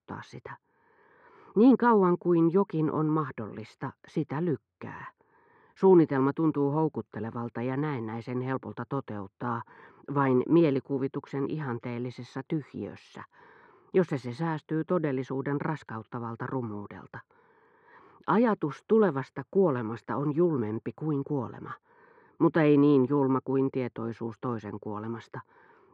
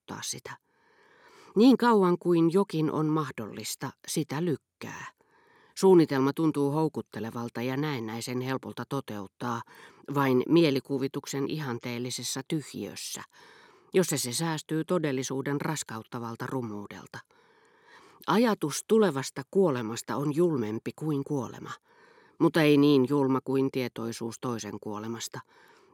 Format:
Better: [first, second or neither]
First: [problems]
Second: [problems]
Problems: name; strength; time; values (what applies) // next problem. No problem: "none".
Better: second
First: muffled; very; fading above 1.5 kHz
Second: none